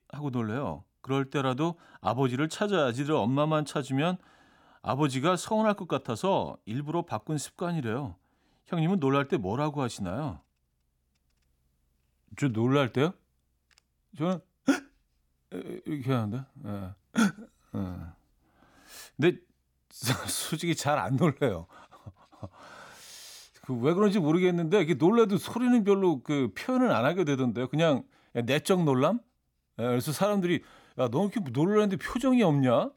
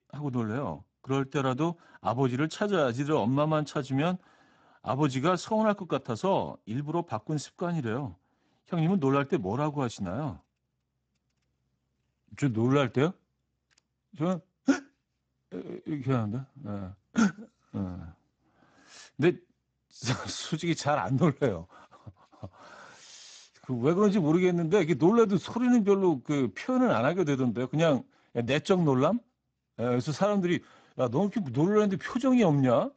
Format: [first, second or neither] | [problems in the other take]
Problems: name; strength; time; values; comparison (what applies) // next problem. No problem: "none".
first | garbled, watery; badly; nothing above 7.5 kHz